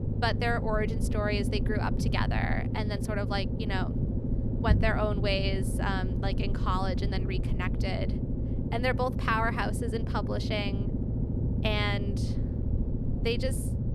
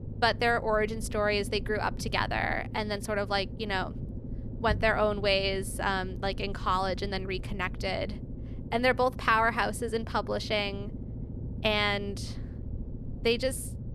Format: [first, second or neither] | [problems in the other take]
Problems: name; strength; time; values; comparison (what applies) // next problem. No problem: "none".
second | low rumble; loud; throughout; 8 dB below the speech; faint in the second